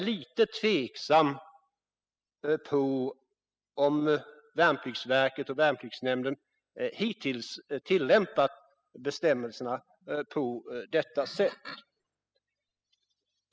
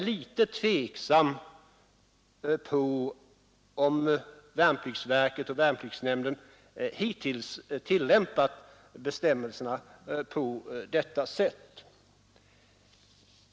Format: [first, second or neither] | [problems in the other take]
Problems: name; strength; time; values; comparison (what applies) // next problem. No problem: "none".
second | noise reduction (classical method spectral subtraction)